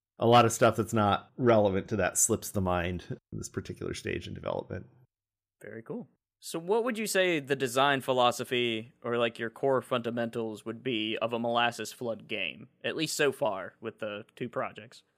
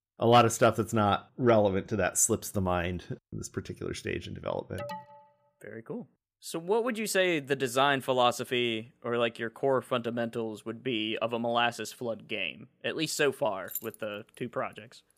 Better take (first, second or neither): first